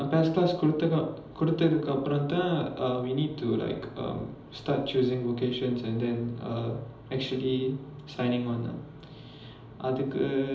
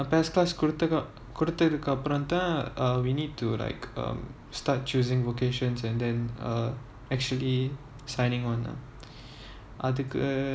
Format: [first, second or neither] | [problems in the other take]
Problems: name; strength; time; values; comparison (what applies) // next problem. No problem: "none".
second | room echo; dies away in 1.2 s